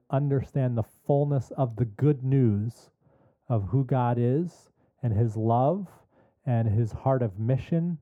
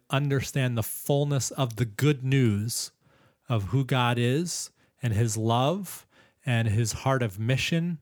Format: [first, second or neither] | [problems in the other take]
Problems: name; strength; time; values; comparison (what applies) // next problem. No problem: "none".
second | muffled; very; fading above 1.5 kHz